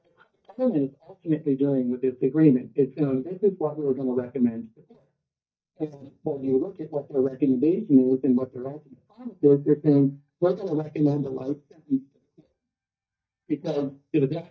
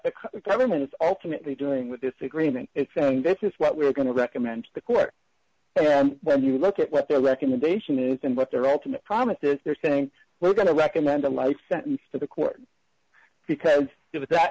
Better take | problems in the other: second | noise reduction (neural mask model DeepFilterNet 3)

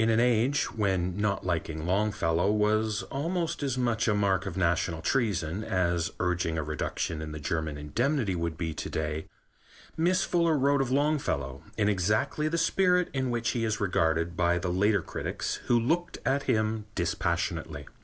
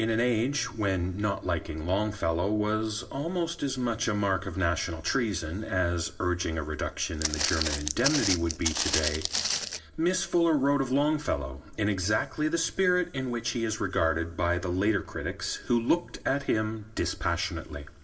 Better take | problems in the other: first | background sound (Walk, footsteps); 2 dB below the speech // room echo; dies away in 1.5 s

